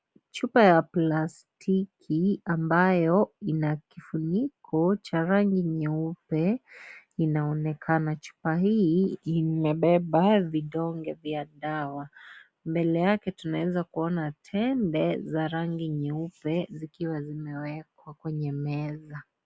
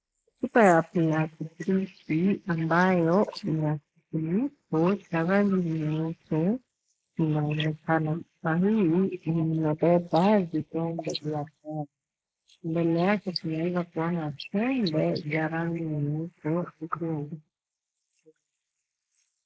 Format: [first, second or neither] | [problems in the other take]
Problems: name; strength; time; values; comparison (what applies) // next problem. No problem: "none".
first | noise reduction (neural mask model Resemble Enhance denoiser)